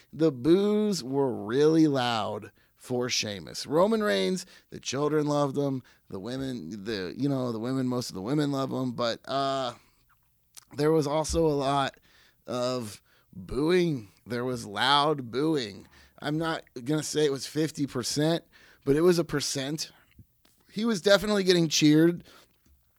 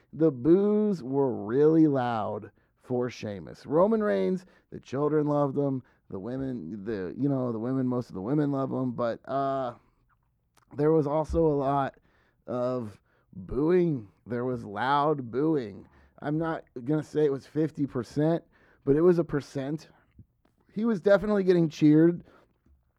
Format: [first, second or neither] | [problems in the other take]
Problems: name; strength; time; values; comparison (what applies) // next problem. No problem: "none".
first | muffled; very; fading above 2 kHz